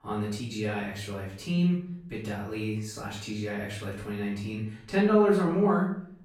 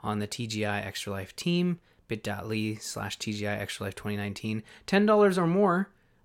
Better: second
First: off-mic speech; far // room echo; noticeable; dies away in 0.6 s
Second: none

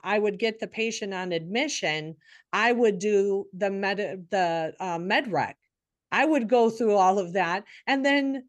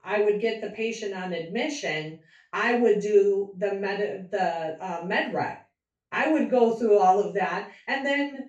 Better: first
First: none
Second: room echo; slight; dies away in 0.3 s // off-mic speech; far

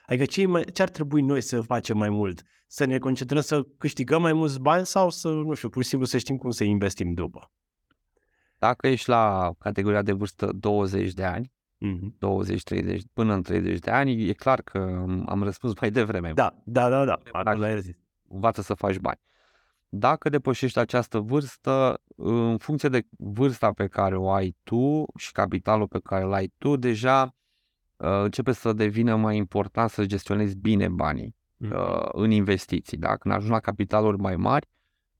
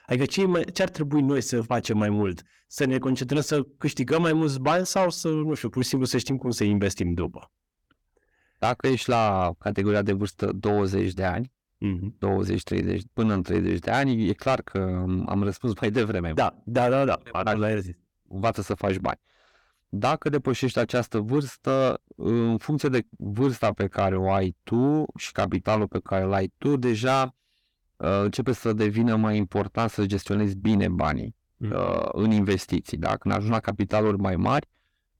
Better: first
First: none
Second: distortion; slight; 10 dB below the speech

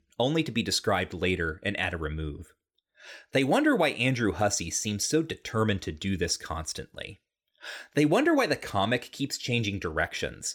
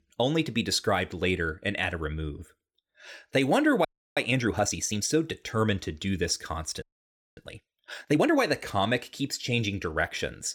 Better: first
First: none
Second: audio freezing; at 4 s and at 7 s for 0.5 s

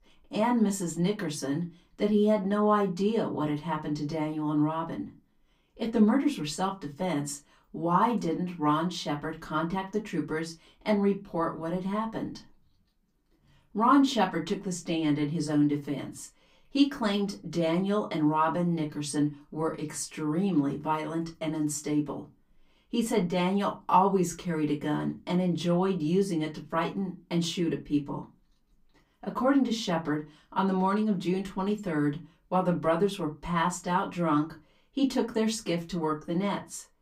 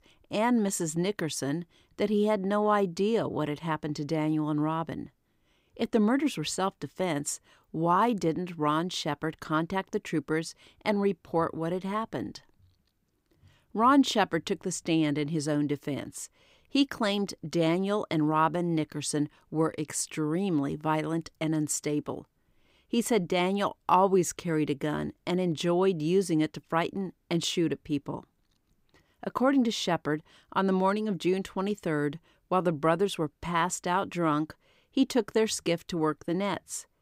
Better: second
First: off-mic speech; far // room echo; very slight; dies away in 0.2 s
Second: none

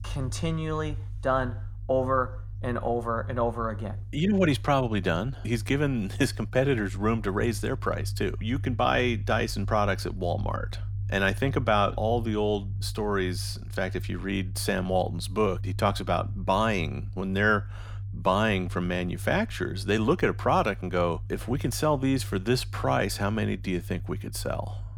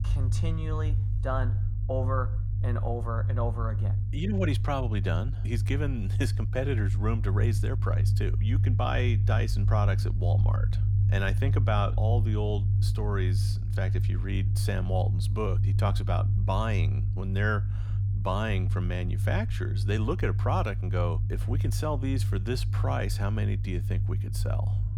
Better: first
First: low rumble; faint; throughout; 25 dB below the speech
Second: low rumble; loud; throughout; 8 dB below the speech

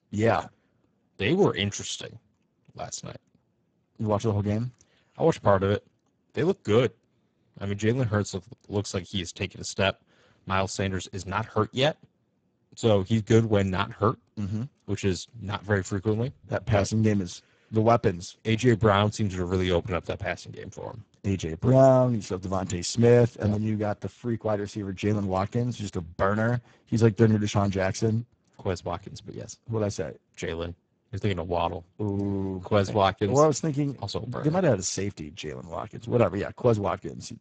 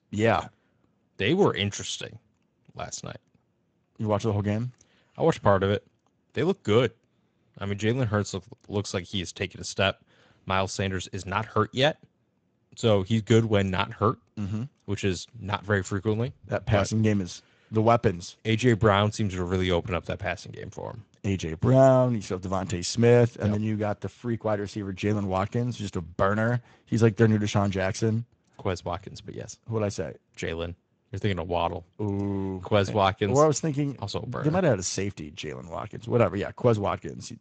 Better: second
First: garbled, watery; badly; nothing above 7.5 kHz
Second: garbled, watery; slightly; nothing above 8 kHz

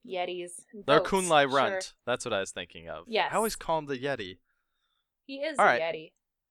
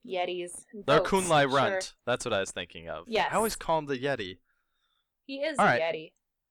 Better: first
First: none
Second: distortion; slight; 10 dB below the speech

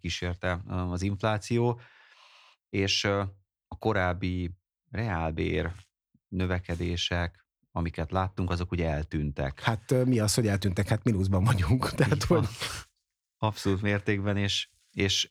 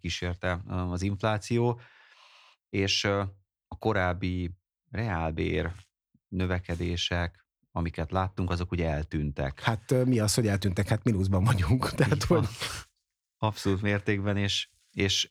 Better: neither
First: none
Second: none

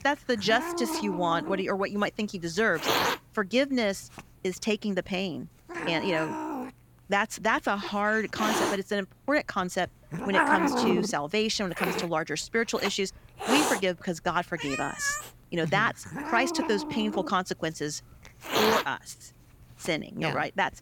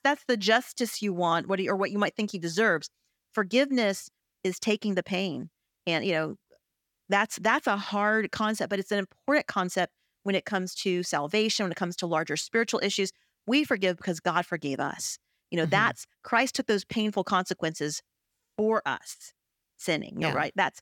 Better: second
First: hiss; loud; throughout; 2 dB below the speech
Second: none

